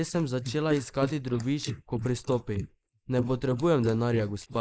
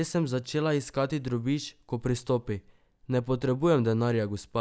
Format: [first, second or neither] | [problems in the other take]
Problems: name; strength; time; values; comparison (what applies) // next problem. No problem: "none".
second | noise reduction (neural mask model Resemble Enhance denoiser)